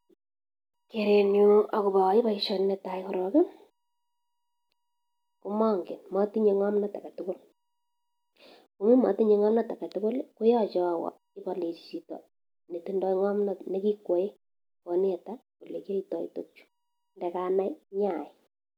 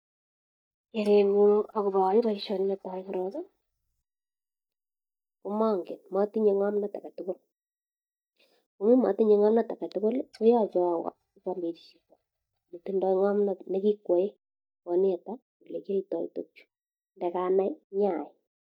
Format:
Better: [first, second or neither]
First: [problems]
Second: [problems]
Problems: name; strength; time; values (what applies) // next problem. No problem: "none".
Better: first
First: none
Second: noise reduction (neural mask model DeepFilterNet 3)